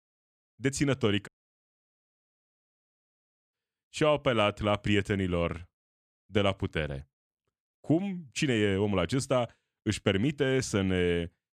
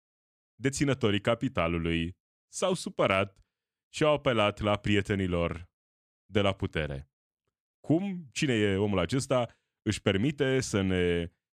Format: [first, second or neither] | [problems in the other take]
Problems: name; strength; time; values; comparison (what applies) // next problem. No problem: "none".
second | audio cutting out; at 1.5 s for 2 s